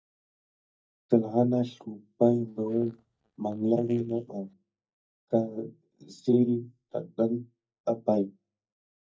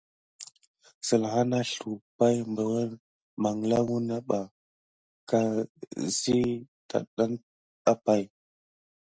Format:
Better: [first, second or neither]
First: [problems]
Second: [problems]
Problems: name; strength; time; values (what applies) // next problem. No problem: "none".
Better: second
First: noise reduction (neural mask model DeepFilterNet 3)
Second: none